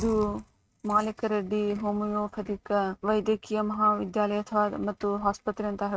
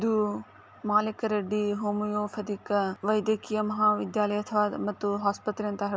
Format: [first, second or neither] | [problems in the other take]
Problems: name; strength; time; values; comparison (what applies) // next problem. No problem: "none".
second | noise reduction (neural mask model RNNoise)